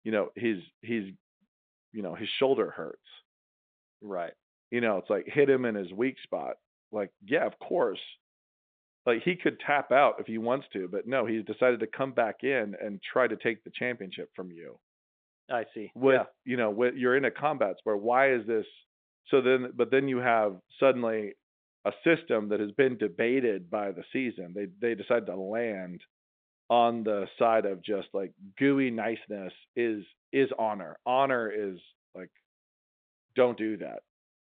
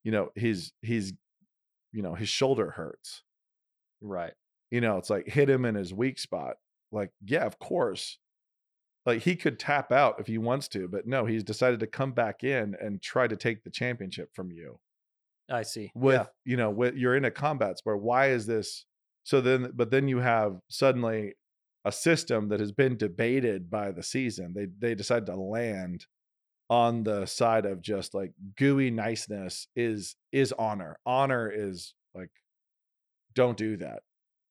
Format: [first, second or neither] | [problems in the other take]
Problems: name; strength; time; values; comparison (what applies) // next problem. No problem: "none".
second | phone-call audio; nothing above 3.5 kHz